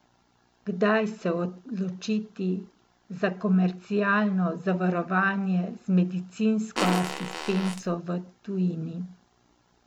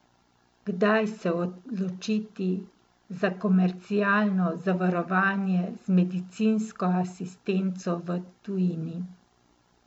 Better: second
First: background sound (Fart); 5 dB below the speech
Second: none

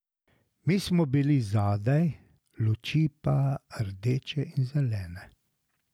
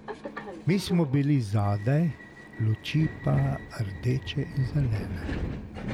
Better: first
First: none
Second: background sound (Subway, metro, underground); 9 dB below the speech

